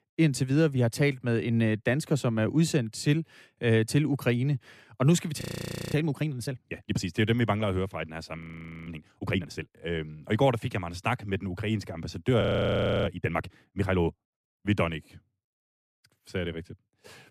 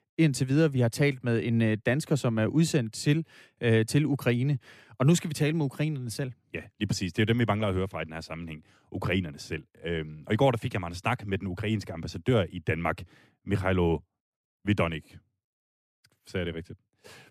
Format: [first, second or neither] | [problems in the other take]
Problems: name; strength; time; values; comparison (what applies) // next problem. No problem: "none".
second | audio freezing; at 5.5 s for 0.5 s, at 8.5 s and at 12 s for 0.5 s